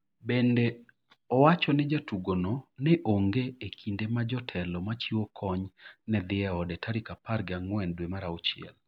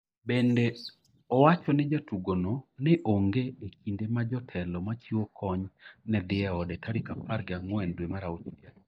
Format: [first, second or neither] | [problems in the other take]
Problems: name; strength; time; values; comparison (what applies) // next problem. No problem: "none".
first | noise reduction (neural mask model DeepFilterNet 3)